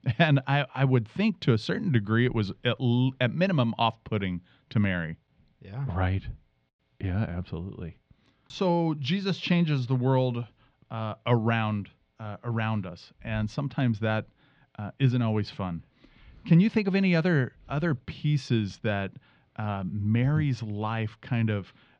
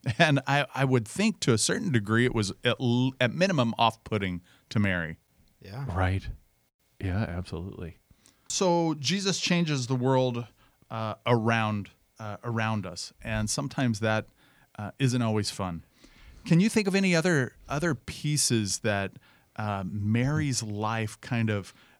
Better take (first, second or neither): second